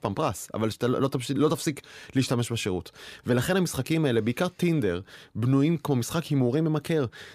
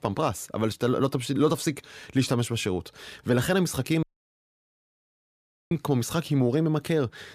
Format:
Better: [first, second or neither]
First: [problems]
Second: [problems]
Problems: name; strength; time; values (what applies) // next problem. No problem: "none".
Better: first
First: none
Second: audio cutting out; at 4 s for 1.5 s